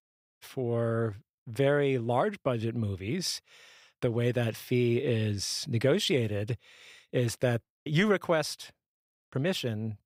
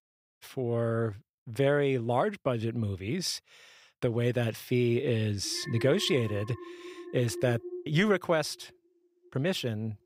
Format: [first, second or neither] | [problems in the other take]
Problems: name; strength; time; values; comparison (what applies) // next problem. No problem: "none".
first | alarm; faint; from 5.5 to 8.5 s; peak 10 dB below the speech